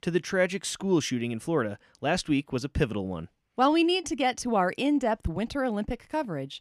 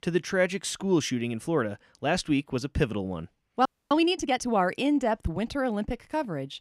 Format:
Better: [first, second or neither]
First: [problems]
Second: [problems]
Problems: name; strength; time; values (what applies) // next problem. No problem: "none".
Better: first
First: none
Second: audio freezing; at 3.5 s